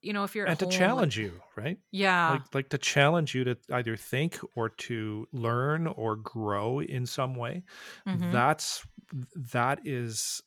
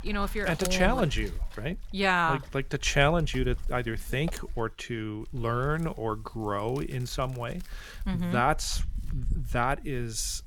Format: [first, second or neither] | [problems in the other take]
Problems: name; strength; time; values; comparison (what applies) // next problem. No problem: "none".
first | wind noise on the microphone; occasional gusts; 20 dB below the speech